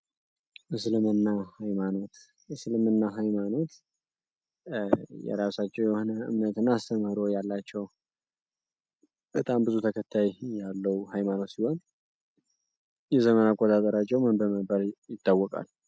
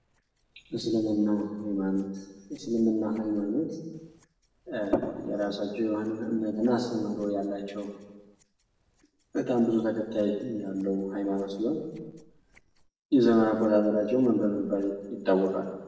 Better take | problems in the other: first | noise reduction (neural separator model SepFormer DNS4)

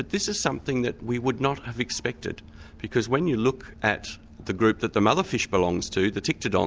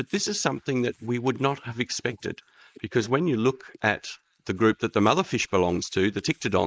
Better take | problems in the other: first | noise reduction (neural mask model Resemble Enhance denoiser)

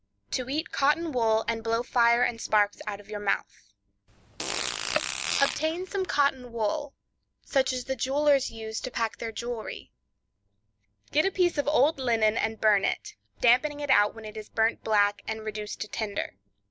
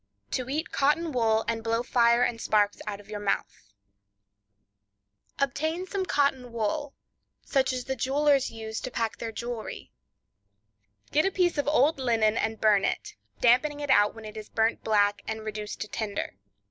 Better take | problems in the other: second | background sound (Fart); 4 dB below the speech

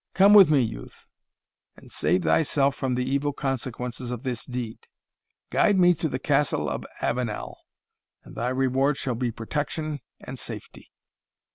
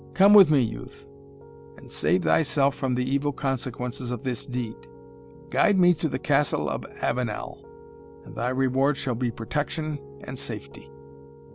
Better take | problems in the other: first | background sound (Piano); 19 dB below the speech

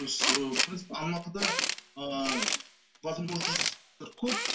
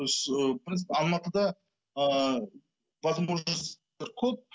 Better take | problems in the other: second | background sound (Tools); 2 dB above the speech // room echo; dies away in 0.2 s

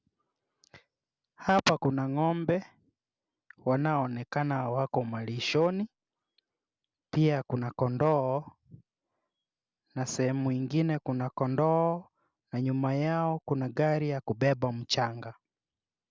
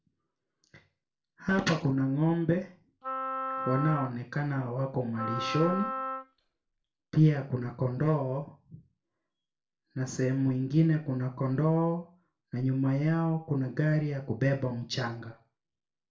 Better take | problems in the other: first | background sound (Wind instrument, woodwind instrument); 6 dB below the speech // room echo; dies away in 0.3 s

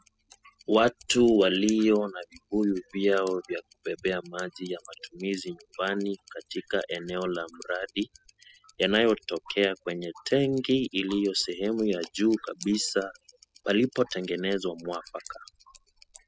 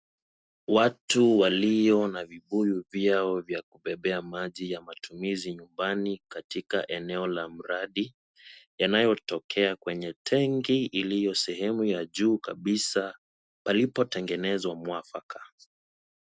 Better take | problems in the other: second | noise reduction (classical method spectral subtraction)

